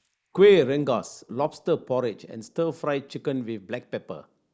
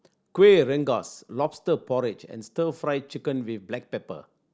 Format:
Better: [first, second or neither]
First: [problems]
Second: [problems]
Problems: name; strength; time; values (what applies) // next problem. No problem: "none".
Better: second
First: noise reduction (neural mask model Resemble Enhance denoiser)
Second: none